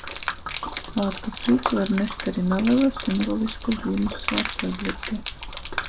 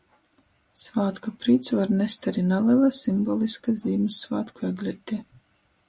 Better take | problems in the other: second | background sound (Gurgling / Liquid); 6 dB below the speech

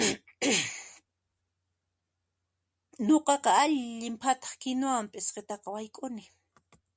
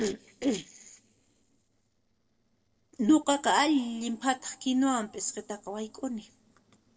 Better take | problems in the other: first | noise reduction (neural separator model SepFormer DNS4)

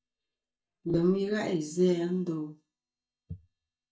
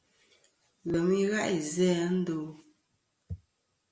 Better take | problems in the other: second | noise reduction (neural mask model DeepFilterNet 3)

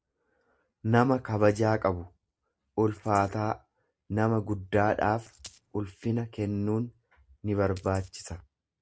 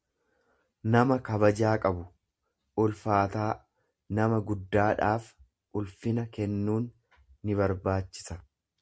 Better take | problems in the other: second | noise reduction (neural mask model Resemble Enhance denoiser)

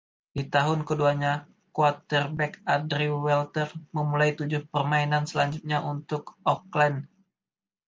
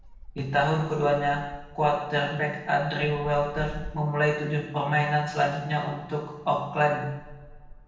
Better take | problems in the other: first | background sound (Gull, seagull); 18 dB below the speech // room echo; dies away in 0.9 s

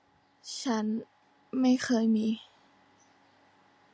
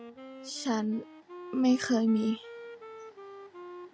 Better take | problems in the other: first | background sound (Wind instrument, woodwind instrument); 14 dB below the speech

